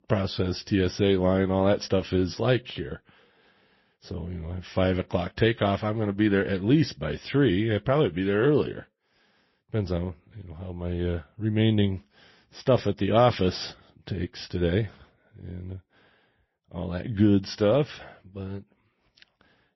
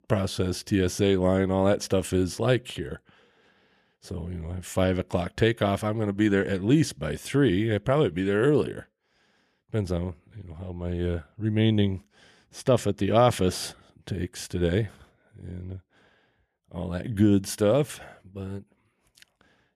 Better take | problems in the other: second | garbled, watery; slightly; nothing above 5.5 kHz

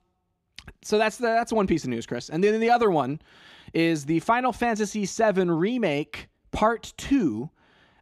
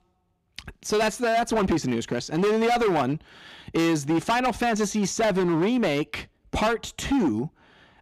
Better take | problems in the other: first | distortion; heavy; 16% of the sound clipped

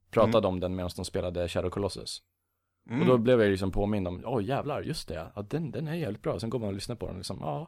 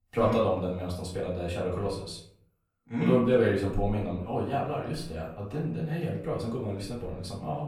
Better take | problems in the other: first | off-mic speech; far // room echo; noticeable; dies away in 0.5 s

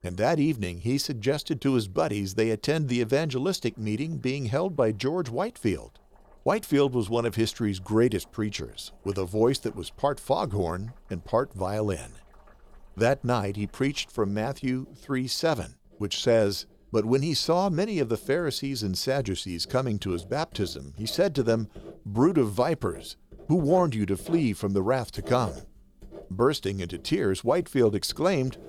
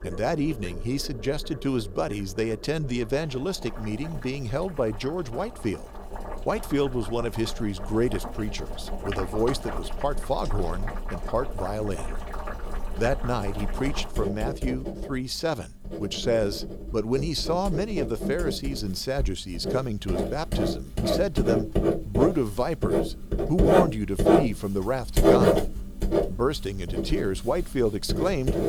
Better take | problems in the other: first | household noises; loud; throughout; 1 dB below the speech; faint in the first

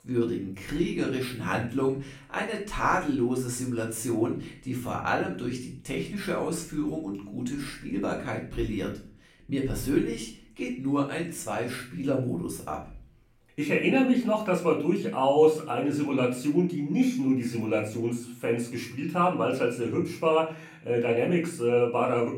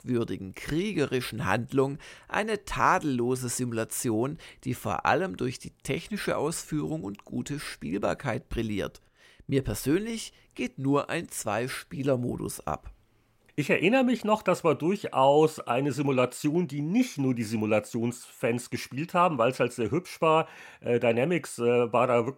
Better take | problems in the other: second | room echo; slight; dies away in 0.4 s // off-mic speech; far

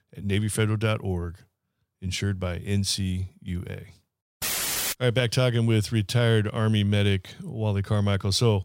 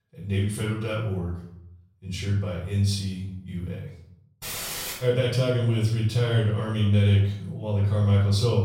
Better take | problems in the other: first | off-mic speech; far // room echo; noticeable; dies away in 0.6 s

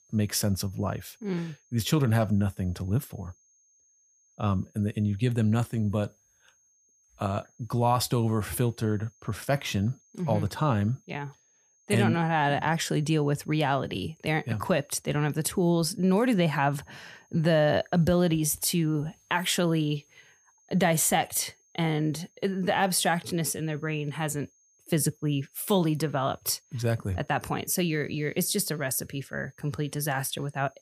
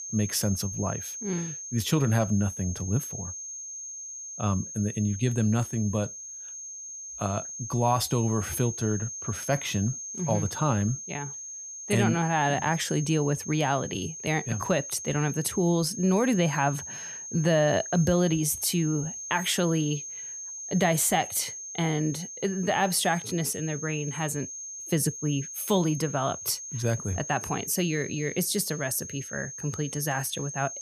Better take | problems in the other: first | high-pitched whine; loud; throughout; 6.5 kHz, 8 dB below the speech; faint in the first

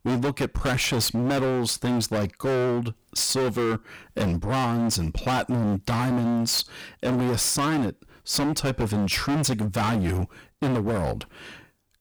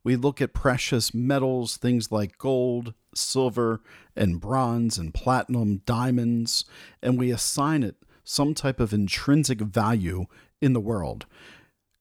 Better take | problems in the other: second | distortion; heavy; 30% of the sound clipped

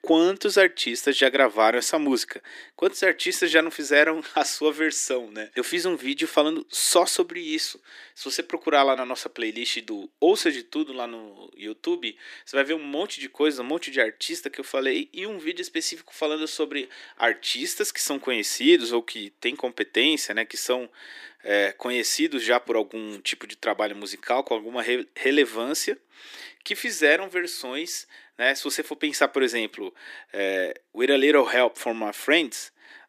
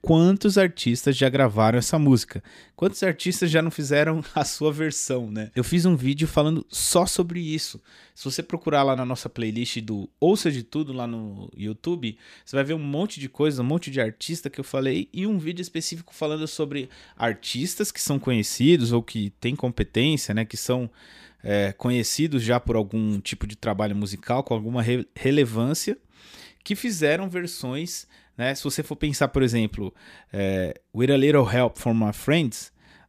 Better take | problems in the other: second | thin; somewhat; fading below 300 Hz

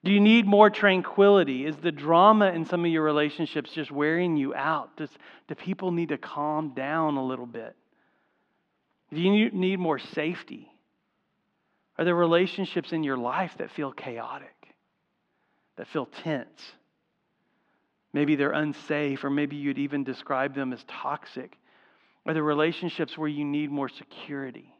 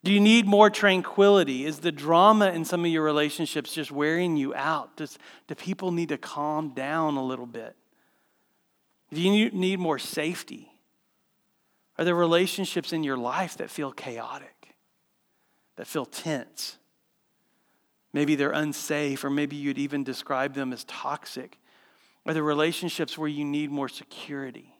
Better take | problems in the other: second | muffled; slightly; fading above 3 kHz

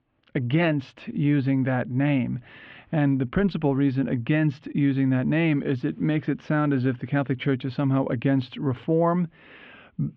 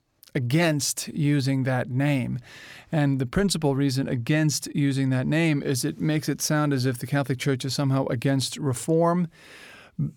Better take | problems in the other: second | muffled; very; fading above 3 kHz

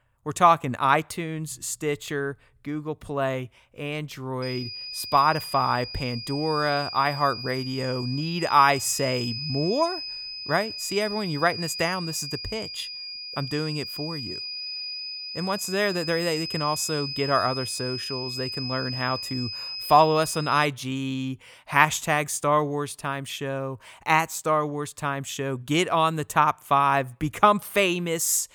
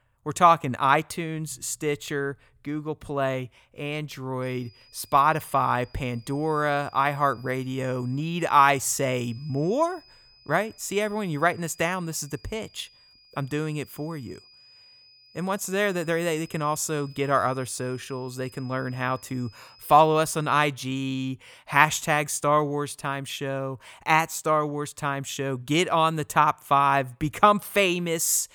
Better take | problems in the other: second | high-pitched whine; loud; from 4.5 to 21 s; 5 kHz, 7 dB below the speech; faint in the second

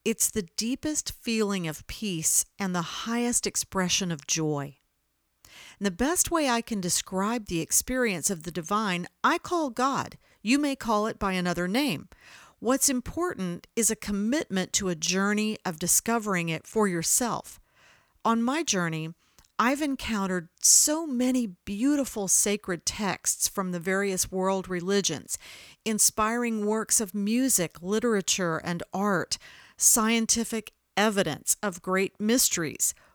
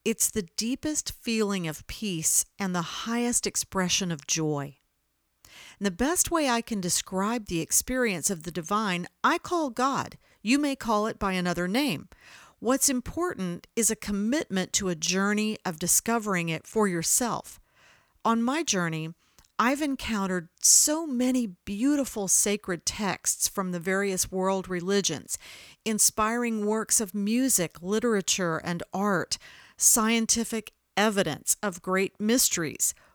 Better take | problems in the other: neither | none

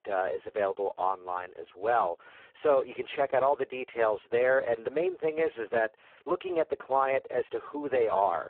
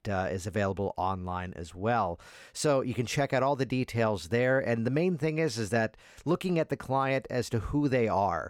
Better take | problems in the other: second | phone-call audio; poor line

